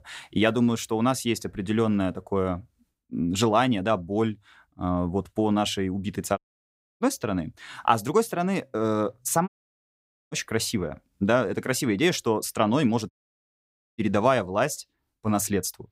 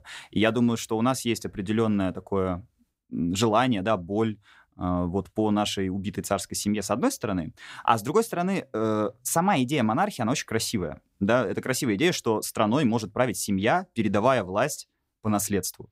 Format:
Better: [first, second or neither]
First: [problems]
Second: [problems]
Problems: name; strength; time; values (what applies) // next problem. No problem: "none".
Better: second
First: audio cutting out; at 6.5 s for 0.5 s, at 9.5 s for 1 s and at 13 s for 1 s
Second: none